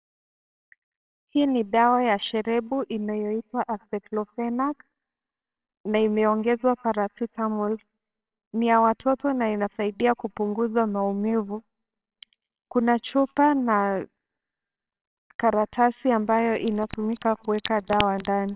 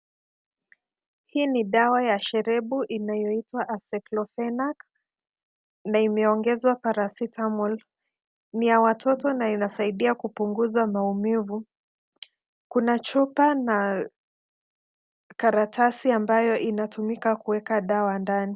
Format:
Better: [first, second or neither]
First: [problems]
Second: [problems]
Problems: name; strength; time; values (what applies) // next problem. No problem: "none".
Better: second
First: noise reduction (neural separator model SepFormer WHAMR!)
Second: none